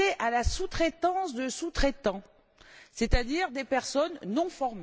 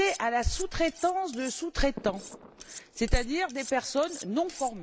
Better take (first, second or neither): first